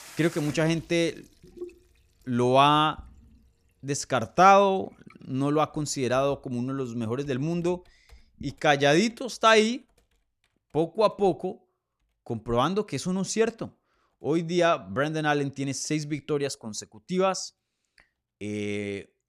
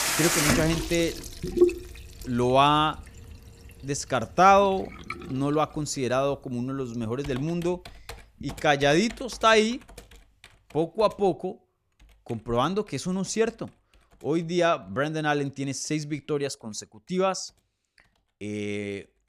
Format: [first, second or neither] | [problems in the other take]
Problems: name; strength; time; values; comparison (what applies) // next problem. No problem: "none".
first | household noises; loud; throughout; 4 dB below the speech; faint in the first